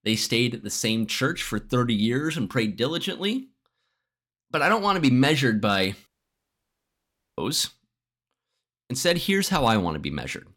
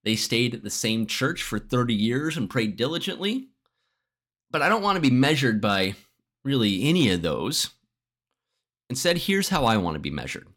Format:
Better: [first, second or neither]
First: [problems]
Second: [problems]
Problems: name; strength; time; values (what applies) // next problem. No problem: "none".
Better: second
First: audio cutting out; at 6 s for 1.5 s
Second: none